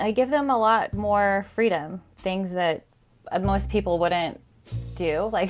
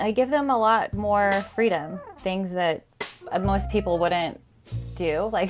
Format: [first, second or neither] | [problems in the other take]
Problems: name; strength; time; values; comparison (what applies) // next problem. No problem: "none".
first | background sound (Brass instrument + Snare drum); 17 dB below the speech